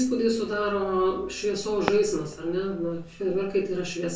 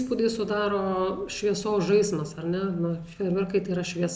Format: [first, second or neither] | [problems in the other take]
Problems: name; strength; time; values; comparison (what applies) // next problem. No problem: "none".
second | background sound (Fireworks); 15 dB below the speech // room echo; dies away in 0.2 s